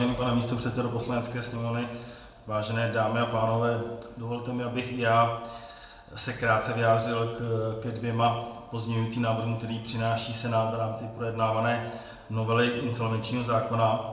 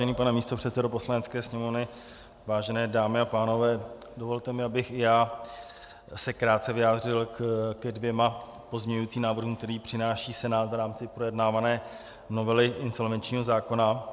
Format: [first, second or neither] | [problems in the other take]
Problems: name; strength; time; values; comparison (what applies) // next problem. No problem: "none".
second | room echo; dies away in 0.9 s